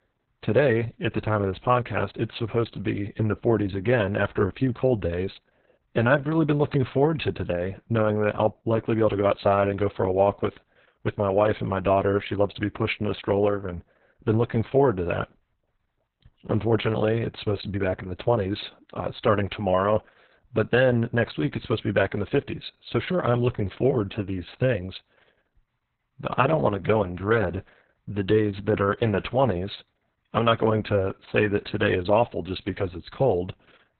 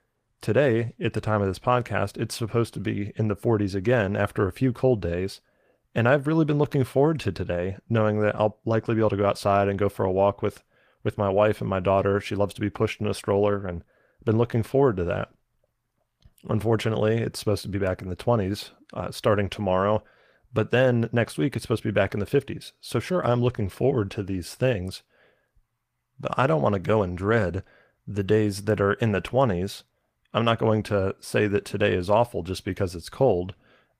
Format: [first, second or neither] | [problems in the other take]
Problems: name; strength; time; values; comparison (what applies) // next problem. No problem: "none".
second | garbled, watery; badly; nothing above 4 kHz; slightly in the second